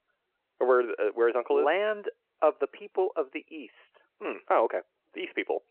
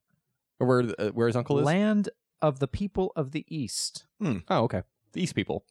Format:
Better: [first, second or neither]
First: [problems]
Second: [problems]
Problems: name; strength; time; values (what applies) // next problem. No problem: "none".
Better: second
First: phone-call audio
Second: none